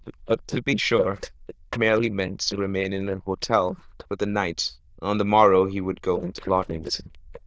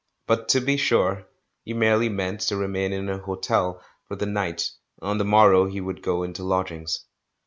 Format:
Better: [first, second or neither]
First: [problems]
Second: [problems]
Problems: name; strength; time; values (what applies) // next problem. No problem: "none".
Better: second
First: noise reduction (neural diffusion model UNIVERSE++)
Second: none